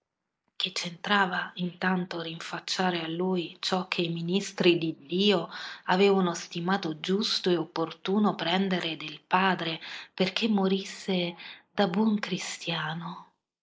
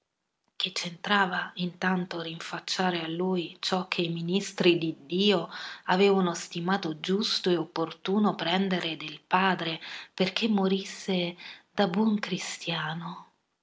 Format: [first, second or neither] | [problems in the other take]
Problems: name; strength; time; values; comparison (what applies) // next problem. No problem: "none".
second | noise reduction (neural mask model Resemble Enhance denoiser)